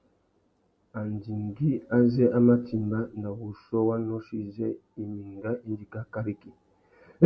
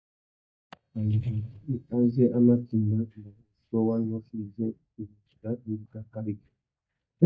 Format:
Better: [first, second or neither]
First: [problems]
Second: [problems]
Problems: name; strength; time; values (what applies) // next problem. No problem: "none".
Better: first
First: none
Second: noise reduction (neural mask model DeepFilterNet 3)